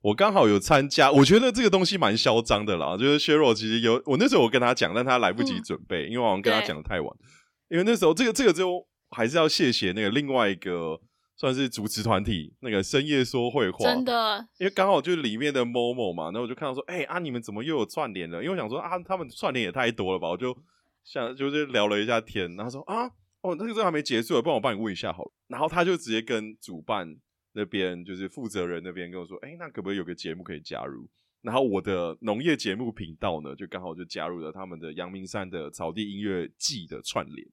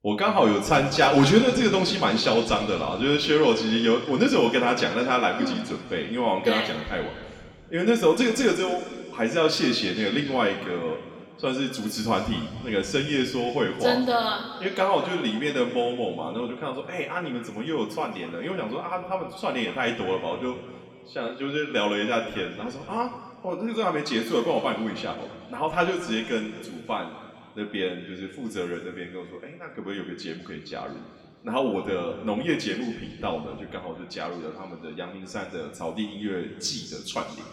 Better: first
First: none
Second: room echo; slight; dies away in 2 s // off-mic speech; somewhat distant

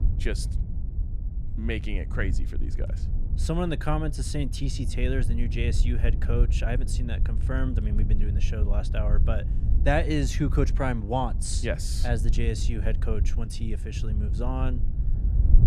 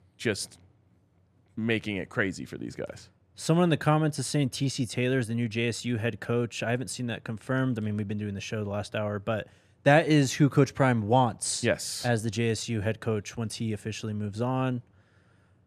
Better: second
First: wind noise on the microphone; occasional gusts; 10 dB below the speech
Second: none

